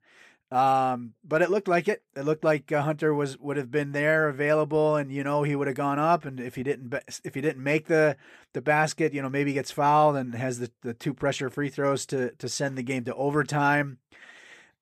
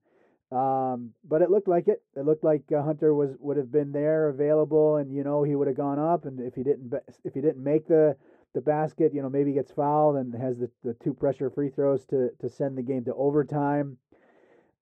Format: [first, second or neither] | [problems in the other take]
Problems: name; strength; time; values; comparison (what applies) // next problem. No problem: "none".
first | muffled; very; fading above 1.5 kHz